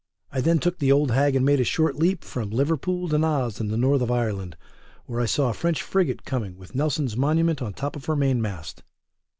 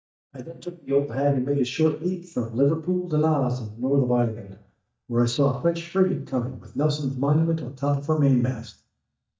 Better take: first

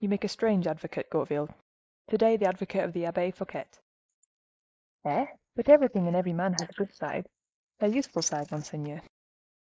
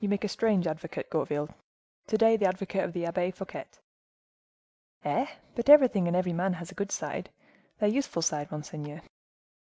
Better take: second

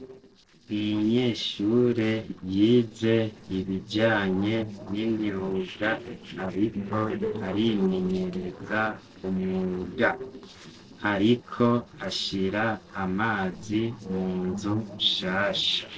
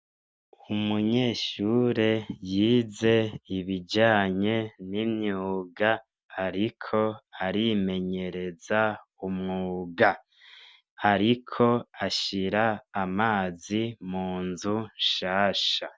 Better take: second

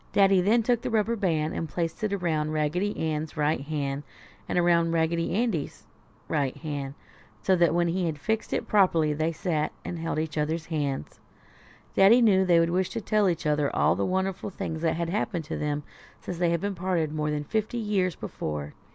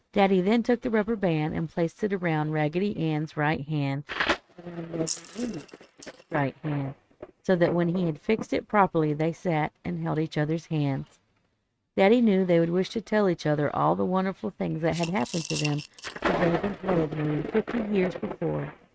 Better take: first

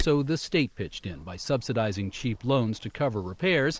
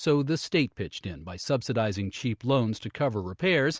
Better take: second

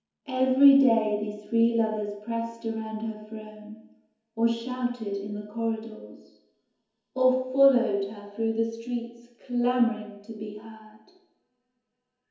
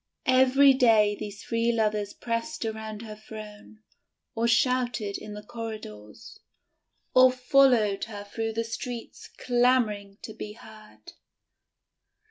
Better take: second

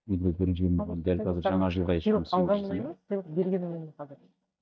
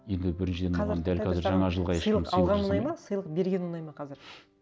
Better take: second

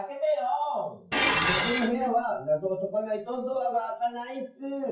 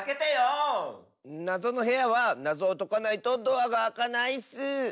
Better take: second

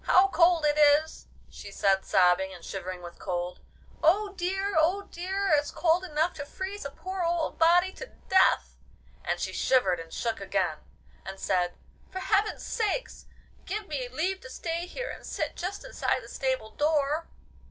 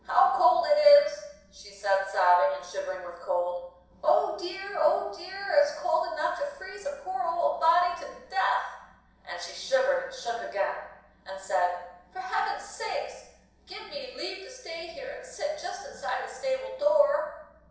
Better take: first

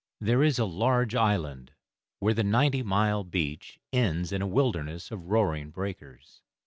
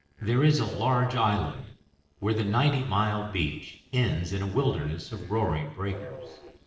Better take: first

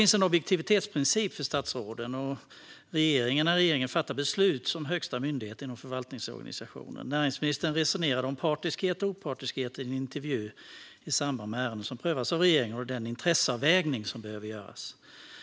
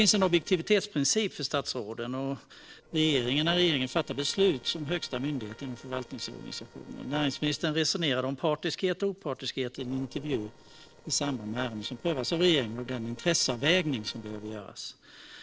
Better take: first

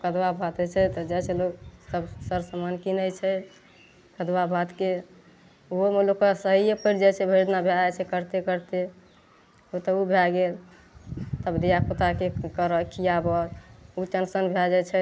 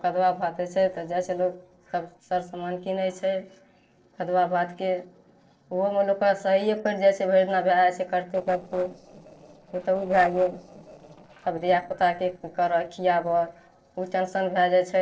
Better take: first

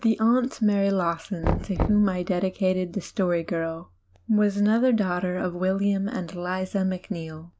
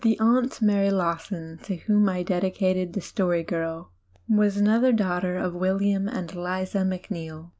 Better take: second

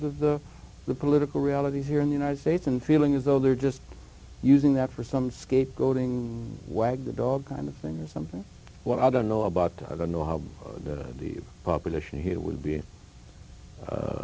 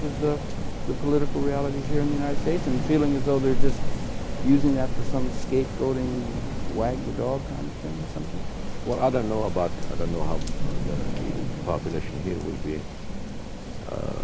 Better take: first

